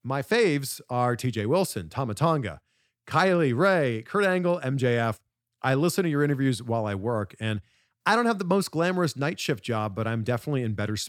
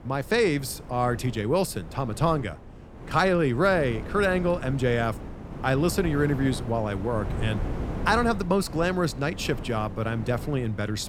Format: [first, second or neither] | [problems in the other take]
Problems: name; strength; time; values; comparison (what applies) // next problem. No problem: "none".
first | wind noise on the microphone; occasional gusts; 15 dB below the speech